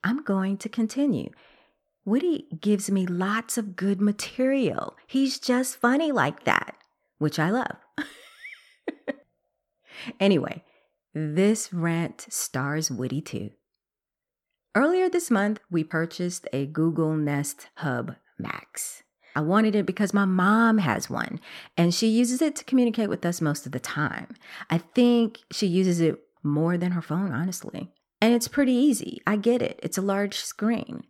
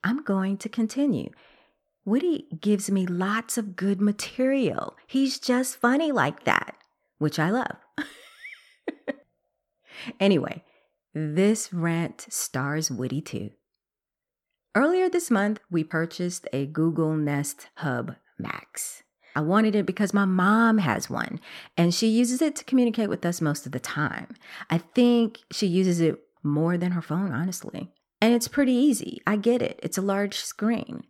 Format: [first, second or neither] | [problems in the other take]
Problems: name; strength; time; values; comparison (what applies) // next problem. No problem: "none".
neither | muffled; slightly; fading above 2.5 kHz; the same in both